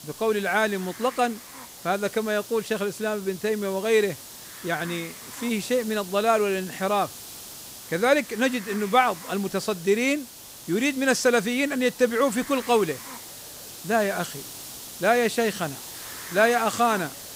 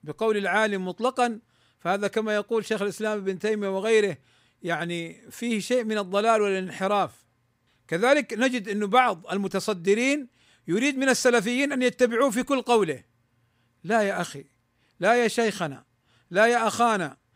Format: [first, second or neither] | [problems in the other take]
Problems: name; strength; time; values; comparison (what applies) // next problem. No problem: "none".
second | hiss; noticeable; throughout; 15 dB below the speech